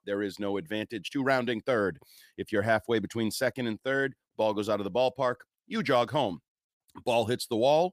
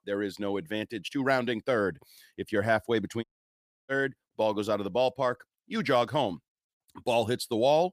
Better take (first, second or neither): first